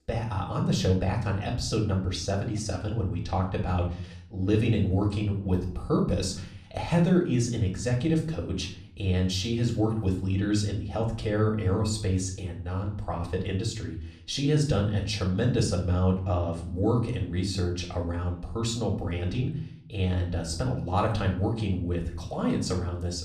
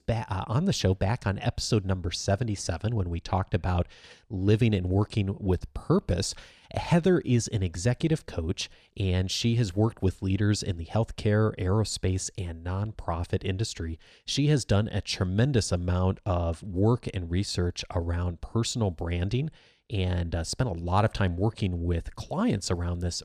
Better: second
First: room echo; slight; dies away in 0.5 s // off-mic speech; somewhat distant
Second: none

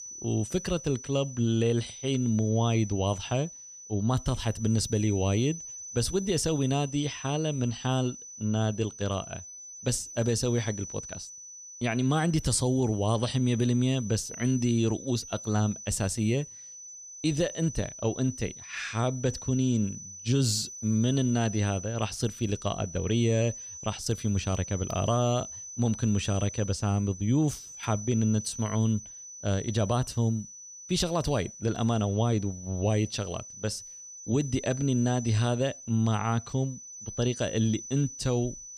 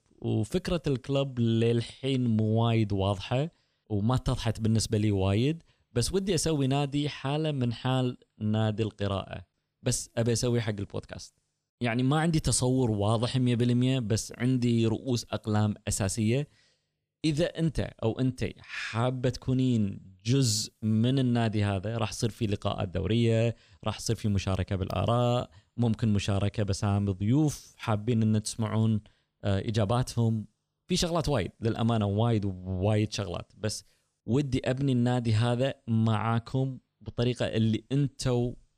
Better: second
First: high-pitched whine; noticeable; throughout; 6 kHz, 10 dB below the speech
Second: none

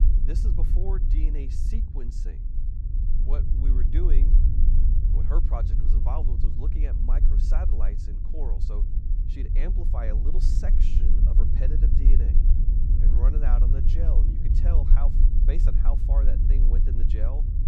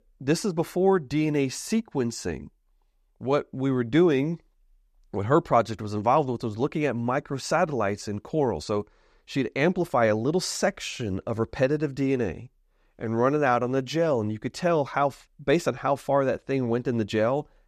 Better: second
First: low rumble; loud; throughout; 2 dB below the speech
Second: none

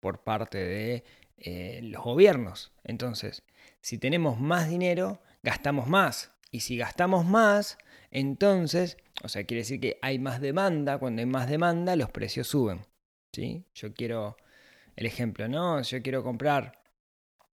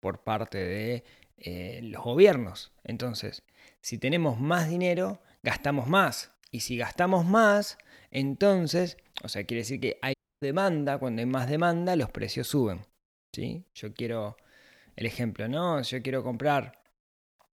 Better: first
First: none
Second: audio cutting out; at 10 s

